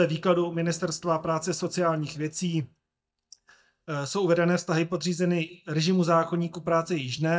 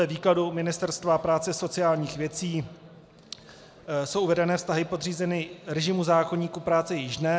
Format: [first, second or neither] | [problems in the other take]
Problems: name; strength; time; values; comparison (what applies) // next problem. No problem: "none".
second | noise reduction (neural mask model DeepFilterNet 3)